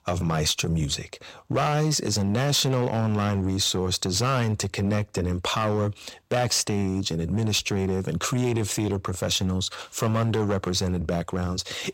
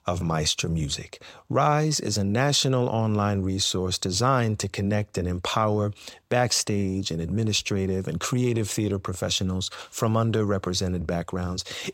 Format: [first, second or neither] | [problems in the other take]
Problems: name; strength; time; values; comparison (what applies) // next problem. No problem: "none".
second | distortion; slight; 8% of the sound clipped